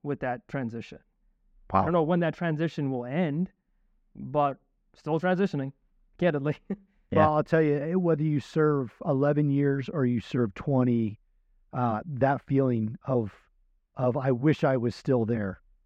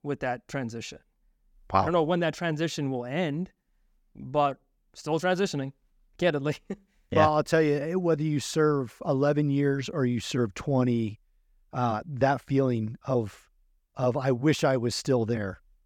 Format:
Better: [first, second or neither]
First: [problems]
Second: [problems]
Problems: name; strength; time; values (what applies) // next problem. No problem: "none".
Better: second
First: muffled; slightly; fading above 4 kHz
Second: none